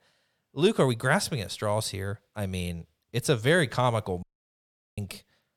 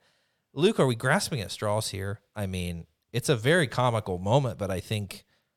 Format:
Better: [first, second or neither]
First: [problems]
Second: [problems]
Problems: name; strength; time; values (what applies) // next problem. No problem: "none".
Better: second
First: audio cutting out; at 4 s for 0.5 s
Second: none